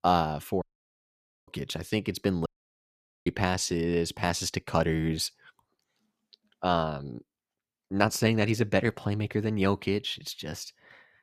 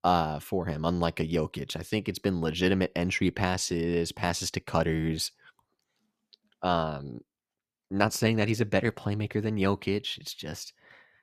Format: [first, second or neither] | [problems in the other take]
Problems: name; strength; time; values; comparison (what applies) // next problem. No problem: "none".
second | audio cutting out; at 0.5 s for 1 s and at 2.5 s for 1 s